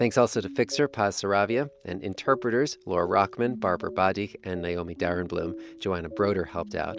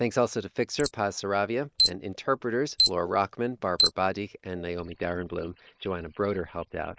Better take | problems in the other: first | noise reduction (neural mask model Resemble Enhance denoiser)

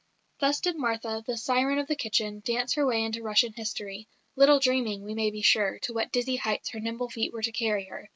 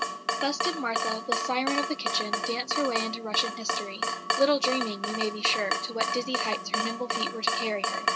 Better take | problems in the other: first | background sound (Drip / Water tap, faucet); as loud as the speech

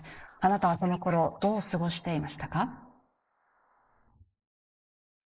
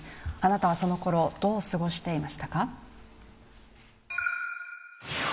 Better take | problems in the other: second | noise reduction (neural mask model Resemble Enhance denoiser)

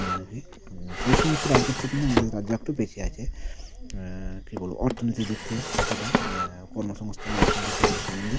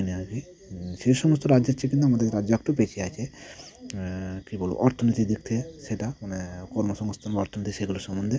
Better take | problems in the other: second | background sound (Drawer open or close); 2 dB above the speech

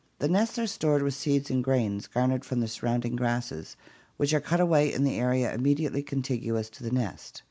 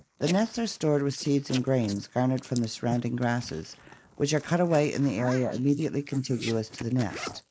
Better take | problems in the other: first | noise reduction (neural mask model Resemble Enhance denoiser)

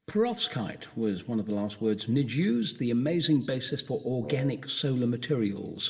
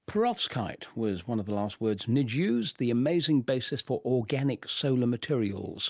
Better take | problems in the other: second | background sound (Wind instrument, woodwind instrument); 12 dB below the speech // room echo; dies away in 2.1 s

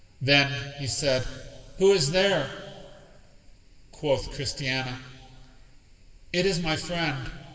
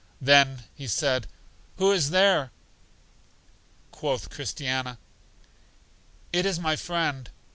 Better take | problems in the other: second | room echo; dies away in 1.8 s

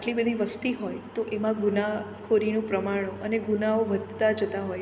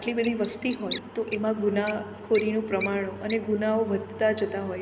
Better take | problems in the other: first | background sound (Bird); 14 dB below the speech

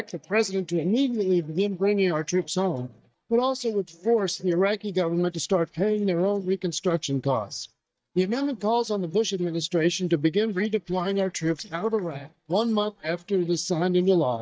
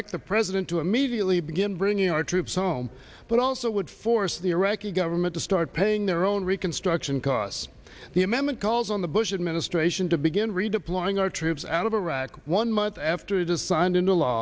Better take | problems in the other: second | noise reduction (neural mask model DeepFilterNet 3)

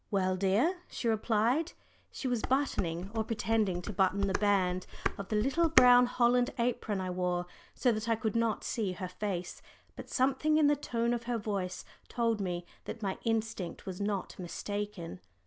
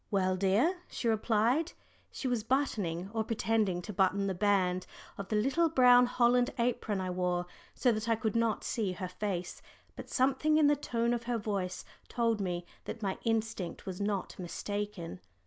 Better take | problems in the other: second | background sound (Dishes, pots, and pans); 4 dB below the speech

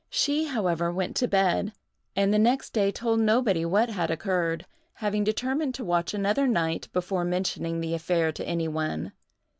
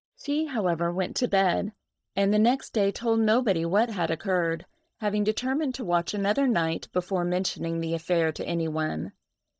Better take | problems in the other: first | noise reduction (neural mask model DeepFilterNet 3)

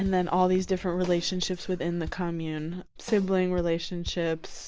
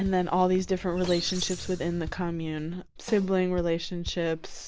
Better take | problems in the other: first | background sound (Squeak); 15 dB below the speech

